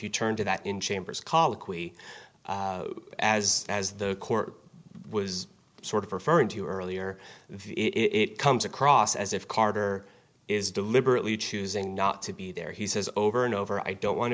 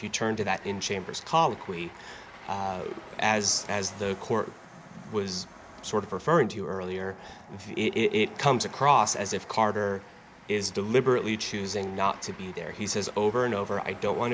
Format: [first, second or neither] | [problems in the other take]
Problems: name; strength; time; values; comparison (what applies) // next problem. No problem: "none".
first | background sound (Train); 19 dB below the speech